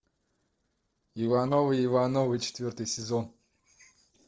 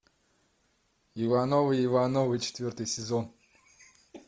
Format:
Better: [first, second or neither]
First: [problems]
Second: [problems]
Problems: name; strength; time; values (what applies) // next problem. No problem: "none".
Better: second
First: noise reduction (neural separator model SepFormer DNS4)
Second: none